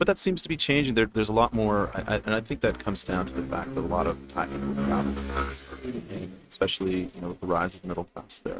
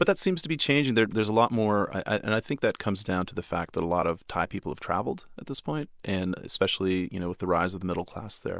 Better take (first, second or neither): second